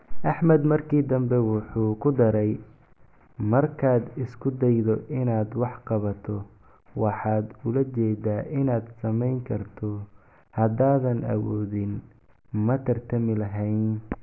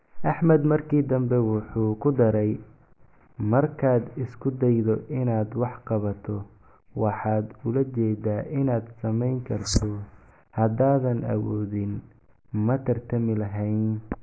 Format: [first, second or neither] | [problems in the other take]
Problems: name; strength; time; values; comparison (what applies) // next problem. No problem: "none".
first | noise reduction (neural mask model Resemble Enhance denoiser)